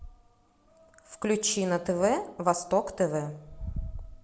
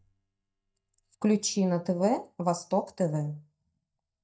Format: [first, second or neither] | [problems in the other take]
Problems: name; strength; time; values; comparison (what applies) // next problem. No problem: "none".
first | noise reduction (neural mask model DeepFilterNet 3)